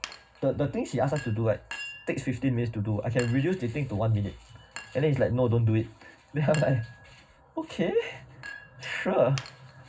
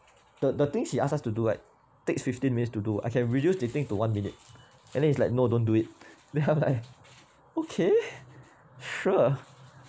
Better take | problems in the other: second | background sound (Chink, clink); 18 dB below the speech // room echo; dies away in 0.4 s

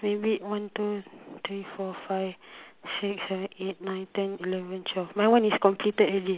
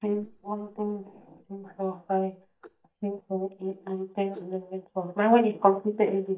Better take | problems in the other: first | noise reduction (neural mask model DeepFilterNet 3)

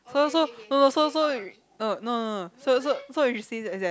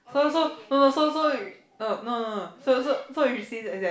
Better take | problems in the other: first | room echo; dies away in 0.4 s

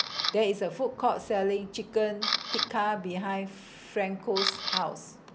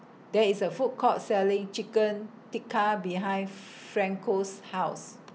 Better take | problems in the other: second | background sound (Camera); 5 dB below the speech

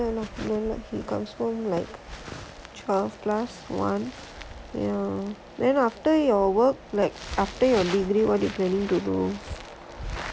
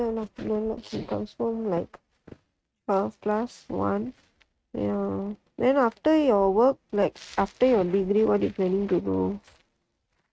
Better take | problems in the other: first | noise reduction (neural mask model RNNoise)

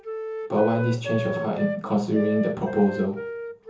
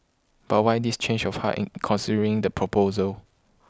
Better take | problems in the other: second | background sound (Wind instrument, woodwind instrument); 7 dB below the speech // room echo; dies away in 0.6 s

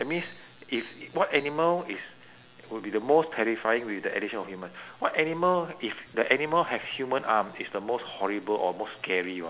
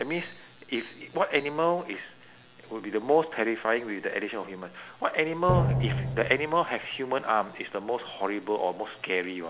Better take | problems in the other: first | background sound (Drum); 3 dB above the speech

